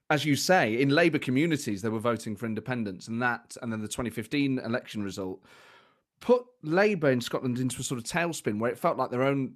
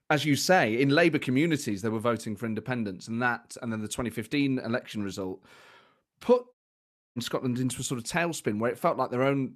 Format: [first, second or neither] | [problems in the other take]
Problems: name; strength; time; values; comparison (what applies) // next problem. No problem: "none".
first | audio cutting out; at 6.5 s for 0.5 s